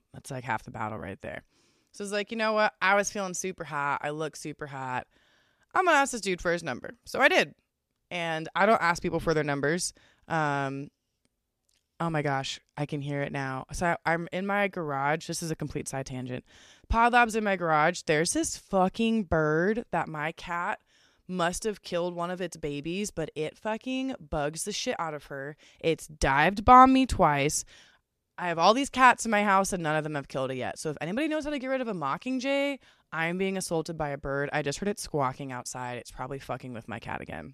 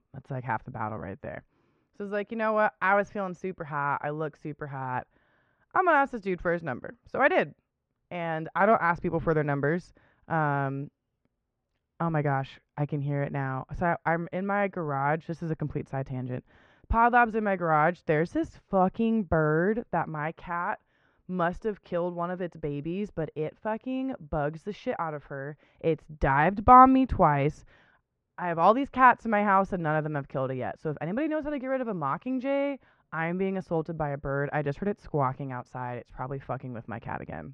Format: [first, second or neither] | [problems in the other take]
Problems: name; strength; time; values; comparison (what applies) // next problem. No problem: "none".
first | muffled; very; fading above 1.5 kHz